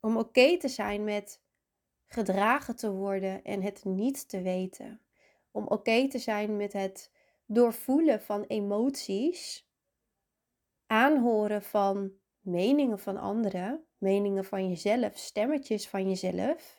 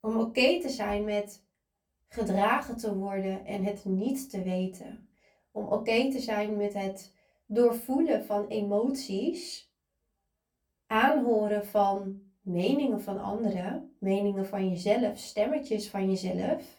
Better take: first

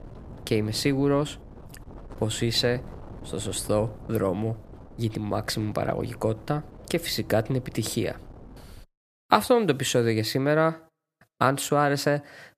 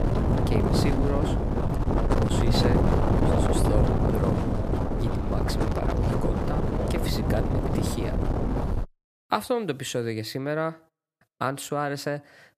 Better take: first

